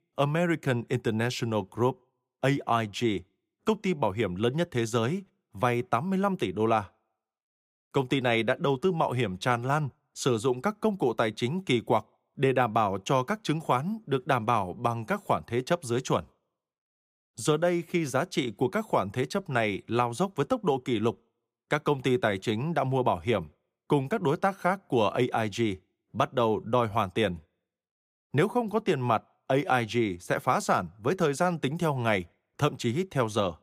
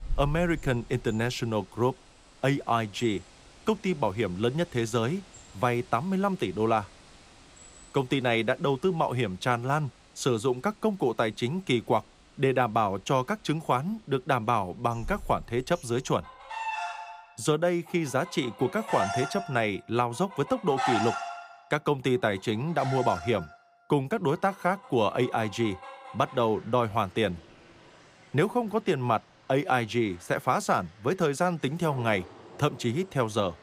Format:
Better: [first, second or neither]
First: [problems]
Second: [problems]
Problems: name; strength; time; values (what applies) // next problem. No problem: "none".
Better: first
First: none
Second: animal sounds; noticeable; throughout; 10 dB below the speech